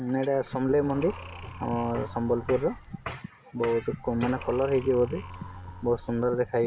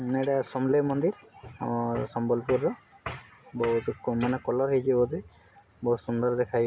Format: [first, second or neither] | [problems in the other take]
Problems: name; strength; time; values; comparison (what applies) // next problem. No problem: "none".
second | background sound (Livestock, farm animals, working animals + Breathing); 13 dB below the speech